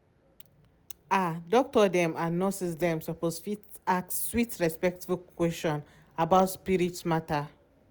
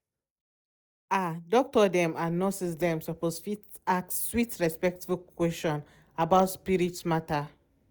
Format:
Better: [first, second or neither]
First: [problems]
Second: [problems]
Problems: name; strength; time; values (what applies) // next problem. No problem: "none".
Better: first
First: none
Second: noise reduction (neural mask model DeepFilterNet 3)